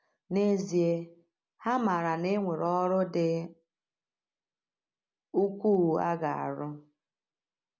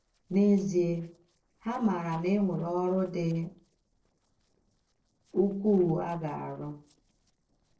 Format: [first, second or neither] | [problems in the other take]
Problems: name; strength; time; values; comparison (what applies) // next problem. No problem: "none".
first | noise reduction (neural separator model SepFormer DNS4)